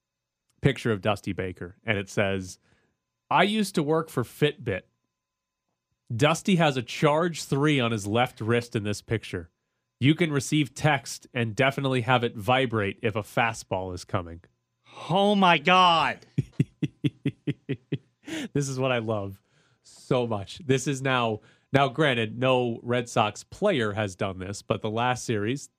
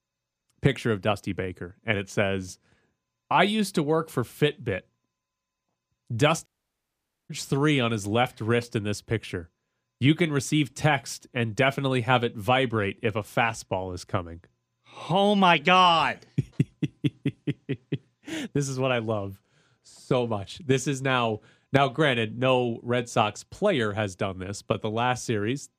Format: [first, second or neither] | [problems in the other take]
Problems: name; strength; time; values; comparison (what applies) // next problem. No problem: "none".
first | audio cutting out; at 6.5 s for 1 s